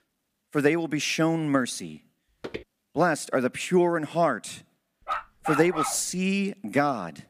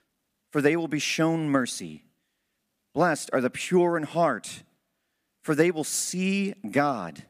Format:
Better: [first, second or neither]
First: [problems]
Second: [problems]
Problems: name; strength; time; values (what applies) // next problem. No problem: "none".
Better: second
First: footsteps; faint; at 2.5 s; peak 15 dB below the speech // dog barking; noticeable; at 5 s; peak 3 dB below the speech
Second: none